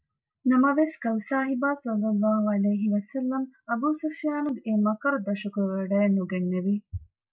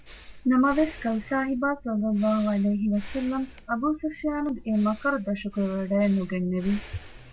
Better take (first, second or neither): first